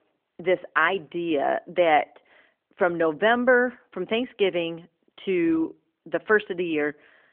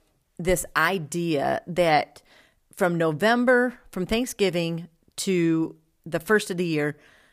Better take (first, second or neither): second